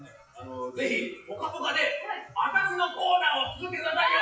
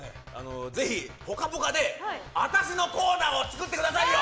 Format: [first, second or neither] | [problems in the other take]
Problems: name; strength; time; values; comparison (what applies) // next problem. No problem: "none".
second | noise reduction (classical method WPE with log-MMSE)